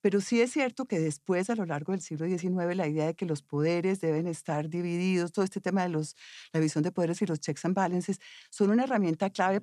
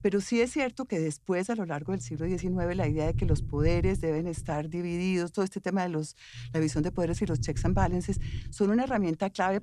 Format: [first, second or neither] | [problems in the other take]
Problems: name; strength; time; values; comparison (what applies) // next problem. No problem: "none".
first | low rumble; noticeable; throughout; 15 dB below the speech